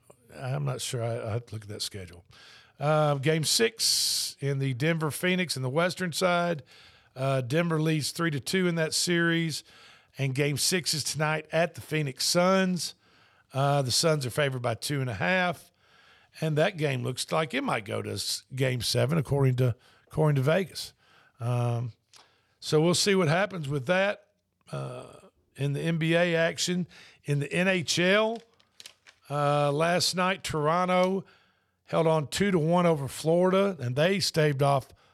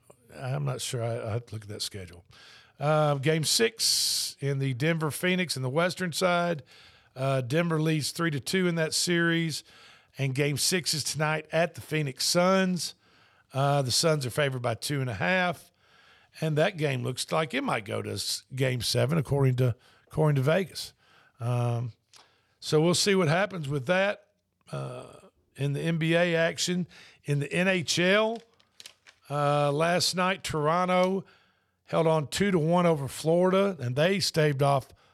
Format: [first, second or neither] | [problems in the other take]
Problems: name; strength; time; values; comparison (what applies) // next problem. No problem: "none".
neither | none